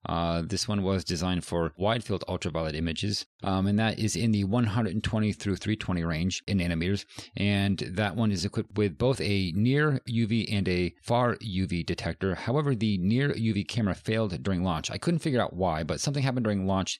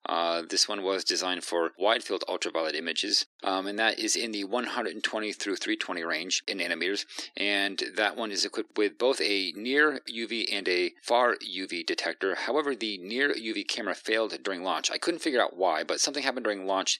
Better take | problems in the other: first | thin; very; fading below 300 Hz

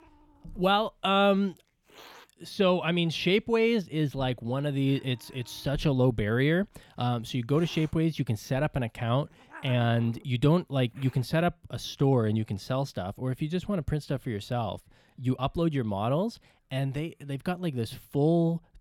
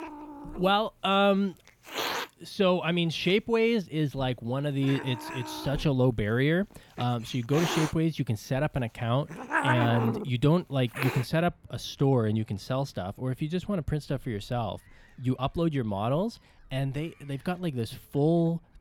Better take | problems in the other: first | animal sounds; loud; throughout; 6 dB below the speech; faint in the first

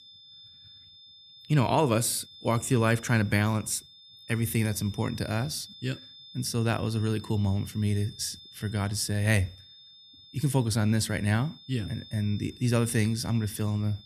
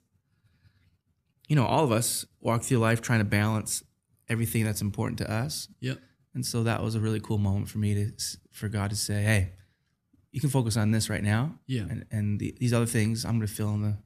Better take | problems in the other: second | high-pitched whine; noticeable; throughout; 3.5 kHz, 20 dB below the speech

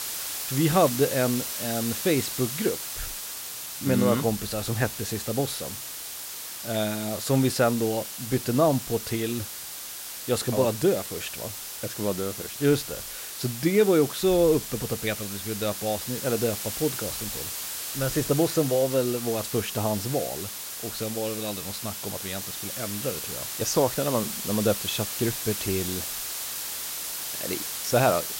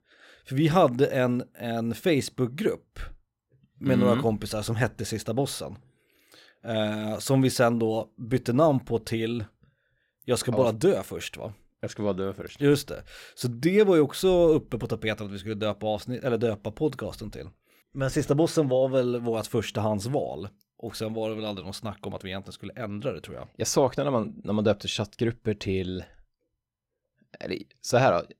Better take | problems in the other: second | hiss; loud; throughout; 5 dB below the speech

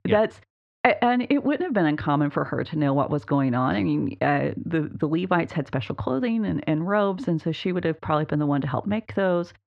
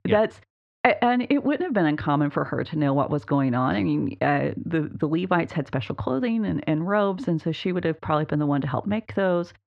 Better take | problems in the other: neither | muffled; slightly; fading above 2 kHz; the same in both

